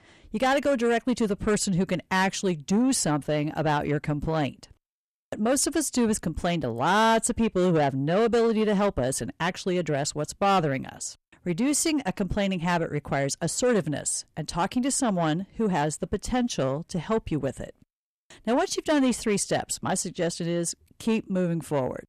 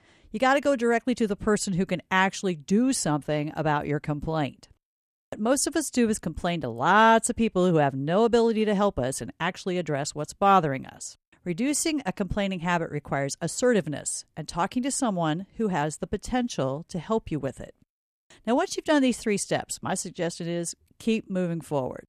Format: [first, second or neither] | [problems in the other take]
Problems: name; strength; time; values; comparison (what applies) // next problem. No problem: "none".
second | distortion; slight; 10 dB below the speech